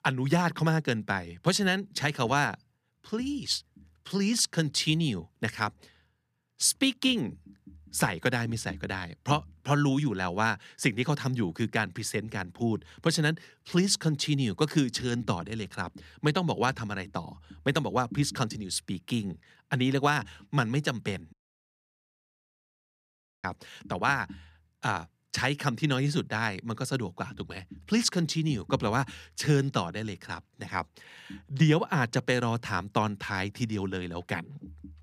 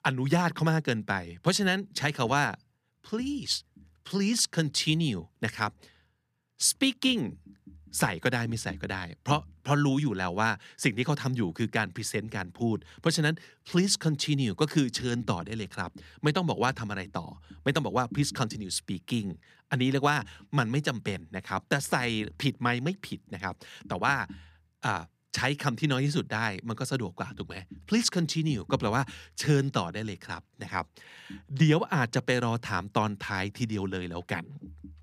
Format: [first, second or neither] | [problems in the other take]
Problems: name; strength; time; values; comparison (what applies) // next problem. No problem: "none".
second | audio cutting out; at 21 s for 2 s